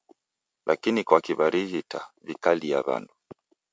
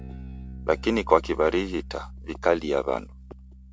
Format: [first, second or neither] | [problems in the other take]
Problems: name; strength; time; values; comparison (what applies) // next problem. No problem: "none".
first | background sound (Bass guitar); 13 dB below the speech